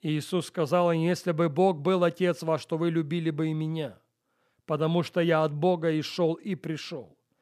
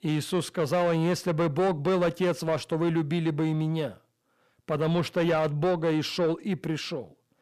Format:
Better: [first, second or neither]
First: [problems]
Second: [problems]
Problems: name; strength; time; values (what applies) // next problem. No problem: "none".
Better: first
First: none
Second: distortion; slight; 10 dB below the speech